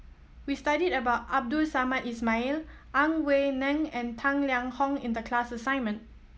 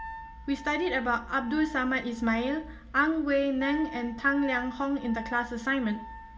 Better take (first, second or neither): first